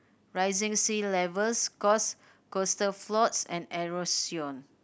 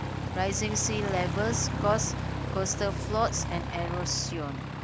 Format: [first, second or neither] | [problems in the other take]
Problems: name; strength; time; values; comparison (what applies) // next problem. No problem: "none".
first | background sound (Aircraft); 1 dB below the speech